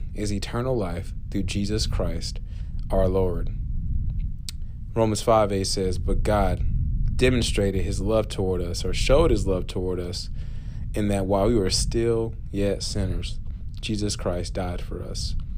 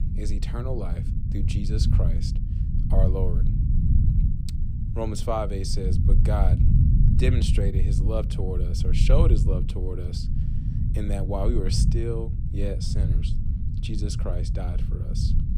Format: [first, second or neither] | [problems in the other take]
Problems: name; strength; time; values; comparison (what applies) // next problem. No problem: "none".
first | low rumble; loud; throughout; 5 dB below the speech; faint in the first